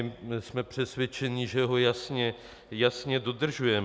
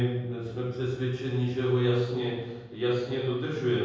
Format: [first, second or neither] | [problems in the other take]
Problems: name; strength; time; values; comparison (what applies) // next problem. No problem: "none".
first | room echo; dies away in 1.3 s